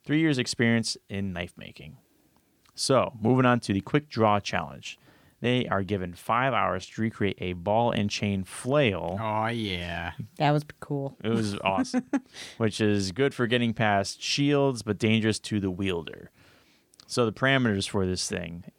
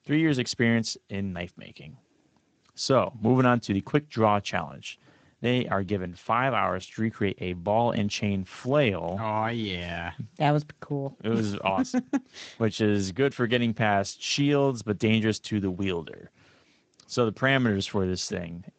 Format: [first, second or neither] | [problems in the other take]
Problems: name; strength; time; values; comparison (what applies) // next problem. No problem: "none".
first | garbled, watery; slightly; nothing above 7.5 kHz